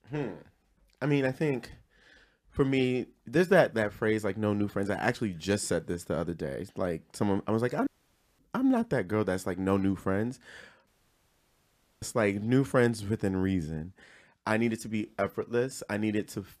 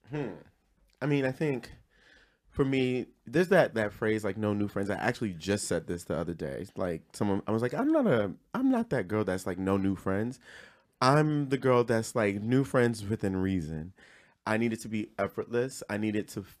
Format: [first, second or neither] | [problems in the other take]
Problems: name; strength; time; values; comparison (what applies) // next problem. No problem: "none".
second | audio cutting out; at 8 s for 0.5 s and at 11 s for 1 s